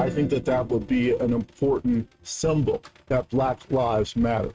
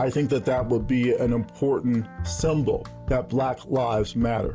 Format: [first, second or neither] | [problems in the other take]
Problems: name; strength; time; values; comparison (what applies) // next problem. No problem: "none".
second | noise reduction (neural mask model RNNoise)